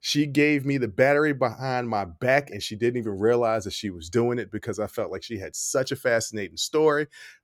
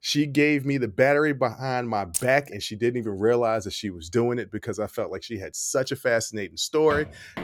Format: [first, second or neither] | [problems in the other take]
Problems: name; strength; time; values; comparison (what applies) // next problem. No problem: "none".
first | jangling keys; noticeable; at 2 s; peak 5 dB below the speech // footsteps; faint; at 7 s; peak 10 dB below the speech